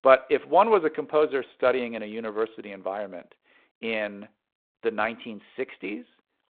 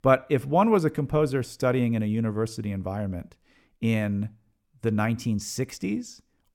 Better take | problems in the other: second | phone-call audio; nothing above 3.5 kHz

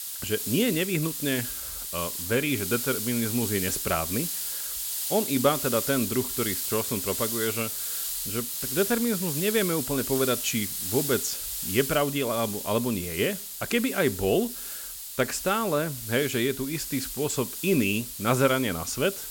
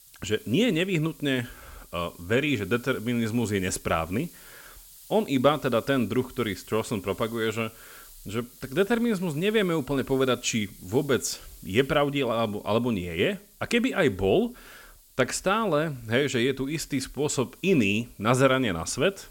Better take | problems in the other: second | hiss; loud; throughout; 3 dB below the speech; faint in the second

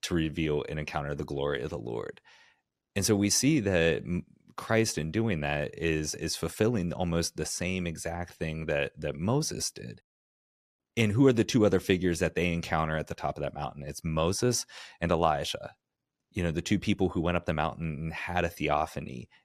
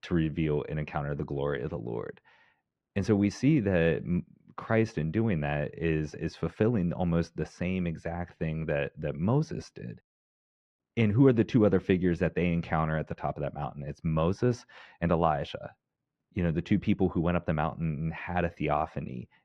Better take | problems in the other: first | muffled; very; fading above 2 kHz

